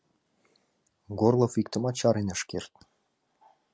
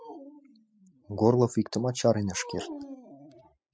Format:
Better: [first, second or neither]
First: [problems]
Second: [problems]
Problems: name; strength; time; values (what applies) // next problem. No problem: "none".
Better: first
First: none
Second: noise reduction (classical method spectral subtraction)